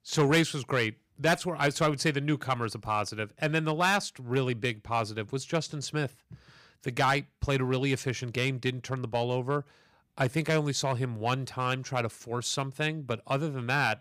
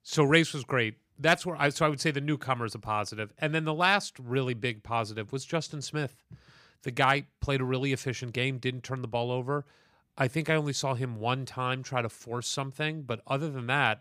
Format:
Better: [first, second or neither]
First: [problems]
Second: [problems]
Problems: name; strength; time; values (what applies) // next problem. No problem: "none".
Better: second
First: distortion; slight; 2% of the sound clipped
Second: none